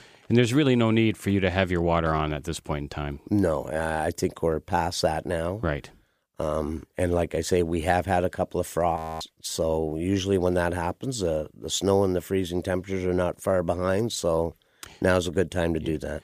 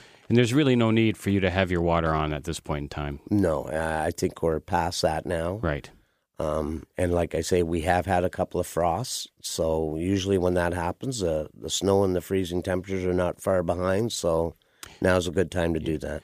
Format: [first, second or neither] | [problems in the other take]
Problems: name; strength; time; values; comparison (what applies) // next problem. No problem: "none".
second | audio freezing; at 9 s